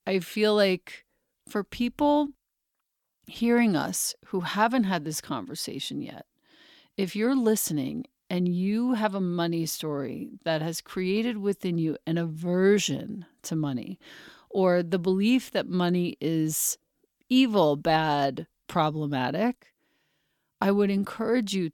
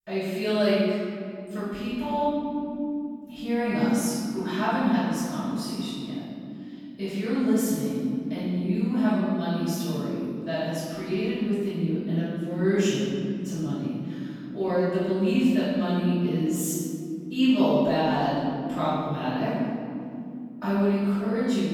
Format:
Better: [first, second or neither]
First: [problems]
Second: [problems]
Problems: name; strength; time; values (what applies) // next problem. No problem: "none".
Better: first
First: none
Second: off-mic speech; far // room echo; strong; dies away in 2.9 s